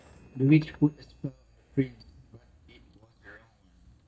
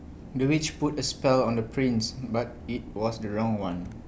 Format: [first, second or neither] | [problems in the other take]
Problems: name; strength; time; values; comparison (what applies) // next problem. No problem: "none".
second | noise reduction (neural mask model DeepFilterNet 3)